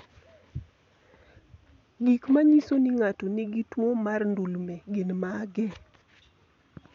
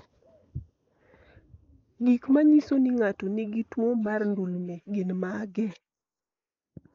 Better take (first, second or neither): first